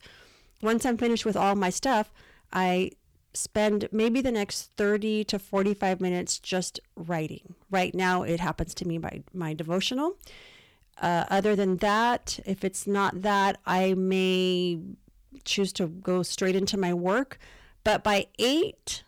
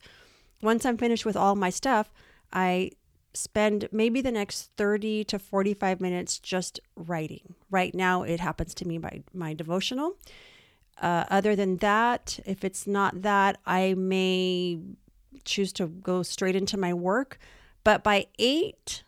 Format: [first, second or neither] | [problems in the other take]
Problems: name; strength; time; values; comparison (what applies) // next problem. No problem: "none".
second | distortion; slight; 5% of the sound clipped